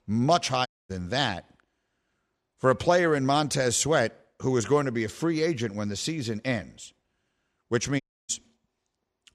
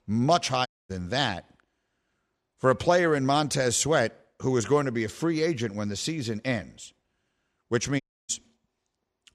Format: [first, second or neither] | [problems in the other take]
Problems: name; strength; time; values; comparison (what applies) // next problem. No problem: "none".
neither | audio cutting out; at 0.5 s and at 8 s; the same in both